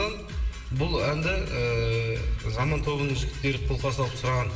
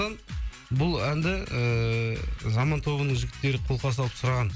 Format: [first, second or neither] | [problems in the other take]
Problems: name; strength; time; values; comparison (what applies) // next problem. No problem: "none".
second | room echo; dies away in 2.7 s